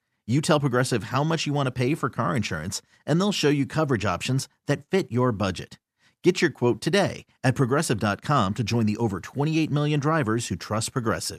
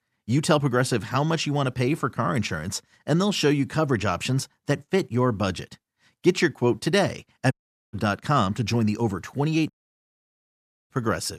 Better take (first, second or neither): first